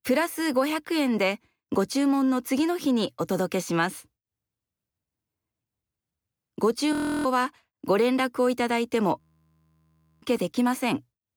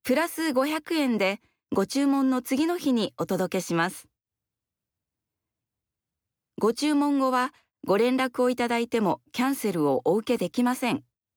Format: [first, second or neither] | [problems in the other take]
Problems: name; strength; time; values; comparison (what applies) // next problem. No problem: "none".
second | audio freezing; at 7 s and at 9 s for 1 s